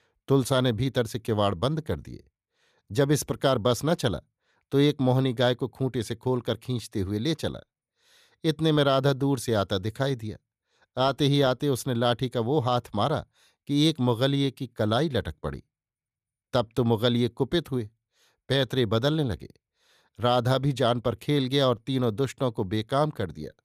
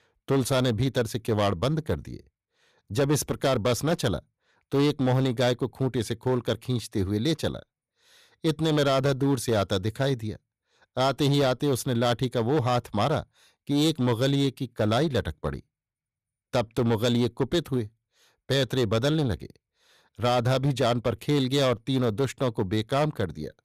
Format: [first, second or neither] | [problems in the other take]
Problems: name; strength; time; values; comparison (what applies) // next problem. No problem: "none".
first | distortion; slight; 10% of the sound clipped